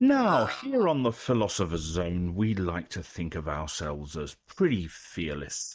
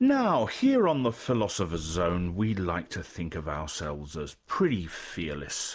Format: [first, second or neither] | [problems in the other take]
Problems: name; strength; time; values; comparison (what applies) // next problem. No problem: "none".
second | noise reduction (neural mask model DeepFilterNet 3)